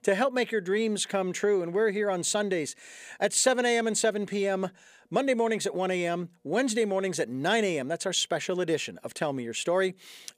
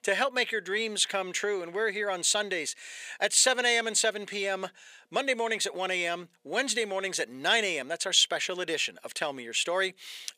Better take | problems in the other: first | thin; somewhat; fading below 900 Hz

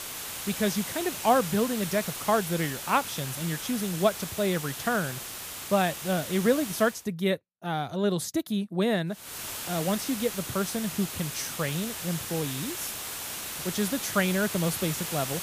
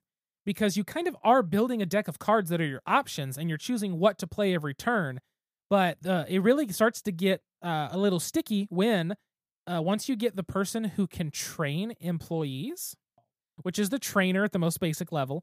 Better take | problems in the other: second | hiss; loud; until 7 s and from 9.5 s on; 5 dB below the speech

